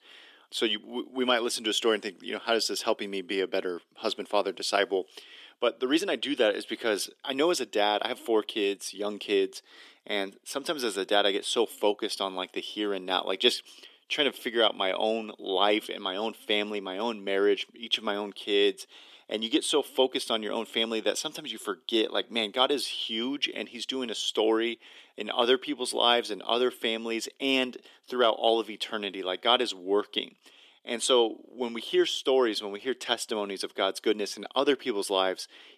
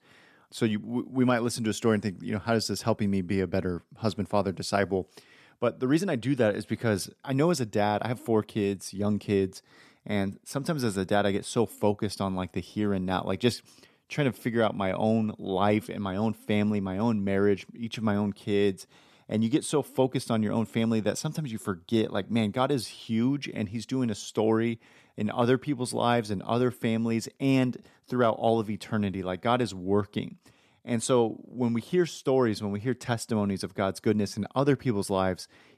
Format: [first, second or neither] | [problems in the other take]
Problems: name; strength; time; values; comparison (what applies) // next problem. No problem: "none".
second | thin; somewhat; fading below 350 Hz